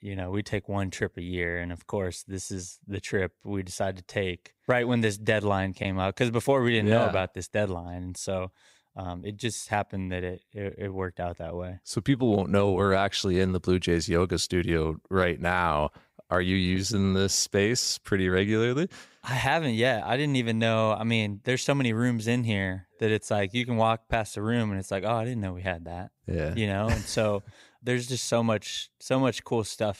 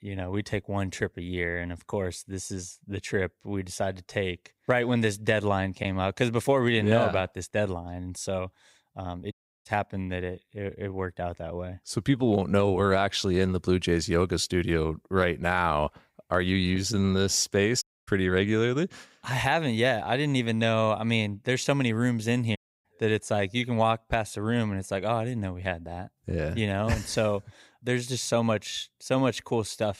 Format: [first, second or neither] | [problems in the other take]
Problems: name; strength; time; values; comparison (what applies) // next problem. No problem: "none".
first | audio cutting out; at 9.5 s, at 18 s and at 23 s